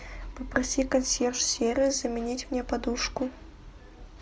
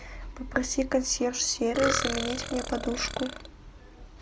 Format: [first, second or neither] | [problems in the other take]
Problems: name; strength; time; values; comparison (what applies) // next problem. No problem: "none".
first | background sound (Burping, eructation); 4 dB below the speech